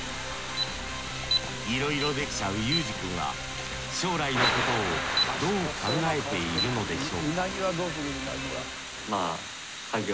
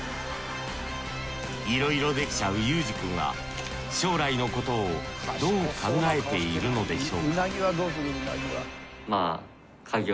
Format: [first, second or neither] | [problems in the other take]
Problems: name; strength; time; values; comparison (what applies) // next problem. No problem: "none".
second | background sound (Thunder / Rain + Alarm); 2 dB below the speech